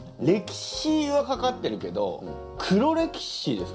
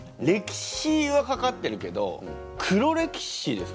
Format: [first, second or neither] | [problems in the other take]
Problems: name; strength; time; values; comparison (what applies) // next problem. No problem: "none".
second | room echo; dies away in 0.3 s